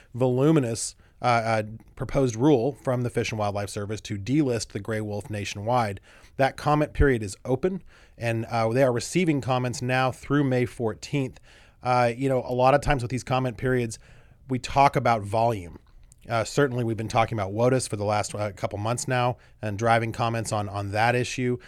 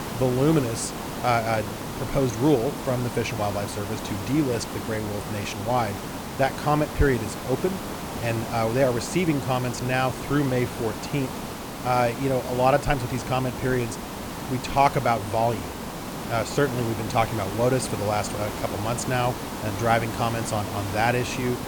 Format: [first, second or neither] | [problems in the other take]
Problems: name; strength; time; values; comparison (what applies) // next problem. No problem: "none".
first | hiss; loud; throughout; 7 dB below the speech